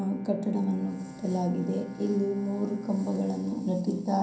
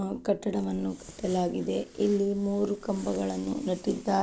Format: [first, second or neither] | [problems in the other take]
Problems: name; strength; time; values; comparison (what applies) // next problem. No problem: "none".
second | background sound (Bowed string instrument); 17 dB below the speech // room echo; dies away in 0.6 s